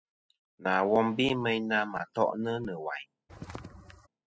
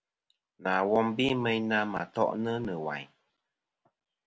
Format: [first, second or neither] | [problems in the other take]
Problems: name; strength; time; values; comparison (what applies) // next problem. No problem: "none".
second | noise reduction (classical method spectral subtraction)